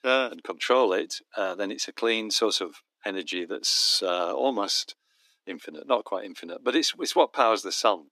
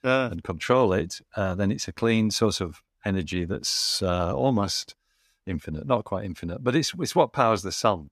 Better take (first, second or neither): second